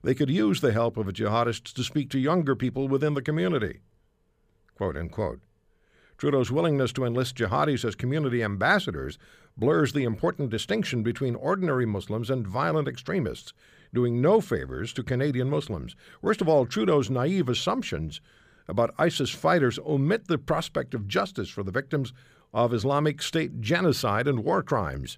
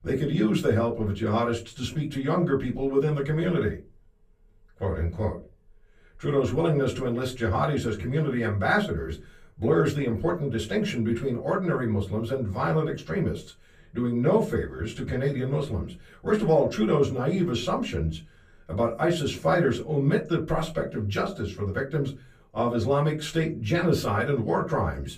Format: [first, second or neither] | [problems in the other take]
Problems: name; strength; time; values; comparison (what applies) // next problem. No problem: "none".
first | off-mic speech; far // room echo; very slight; dies away in 0.2 s